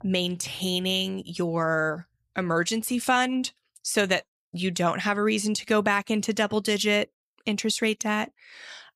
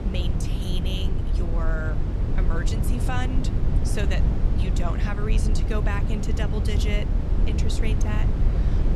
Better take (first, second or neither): first